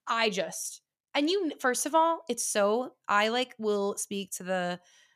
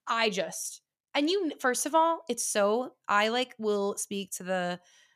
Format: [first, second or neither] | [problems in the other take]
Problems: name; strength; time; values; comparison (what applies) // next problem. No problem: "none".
neither | none